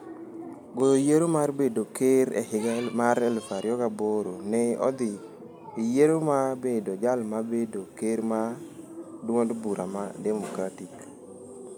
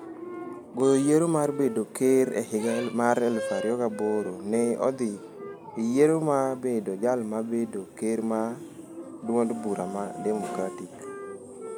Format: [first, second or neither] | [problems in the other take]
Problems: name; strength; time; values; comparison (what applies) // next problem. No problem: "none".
first | background sound (Wind instrument, woodwind instrument + Wind instrument, woodwind instrument); 14 dB below the speech